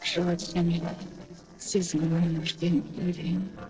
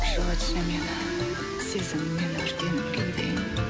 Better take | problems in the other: second | noise reduction (neural separator model SepFormer DNS4)

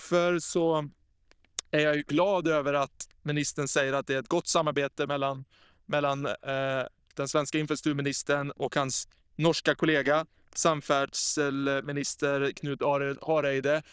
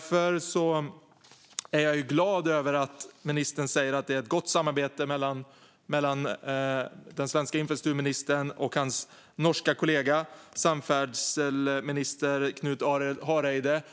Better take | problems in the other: second | noise reduction (neural diffusion model UNIVERSE++)

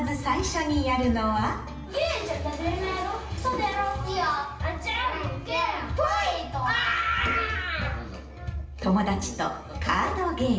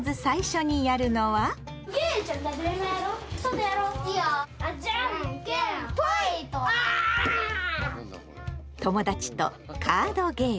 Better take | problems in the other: second | room echo; dies away in 0.9 s

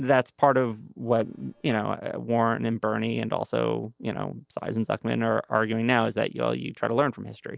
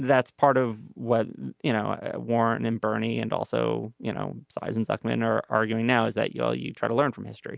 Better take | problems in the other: second | noise reduction (neural separator model SepFormer DNS4)

